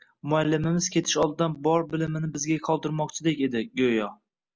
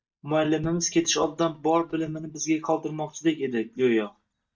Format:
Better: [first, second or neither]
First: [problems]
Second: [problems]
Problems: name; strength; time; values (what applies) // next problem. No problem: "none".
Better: first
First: none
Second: noise reduction (neural mask model DeepFilterNet 3)